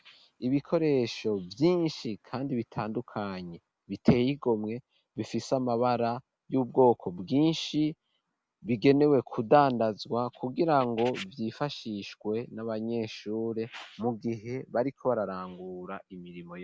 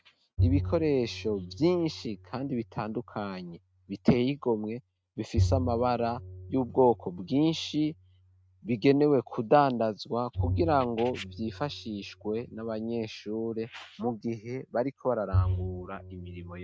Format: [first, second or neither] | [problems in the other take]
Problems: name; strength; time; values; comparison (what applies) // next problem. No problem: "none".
first | noise reduction (neural mask model RNNoise)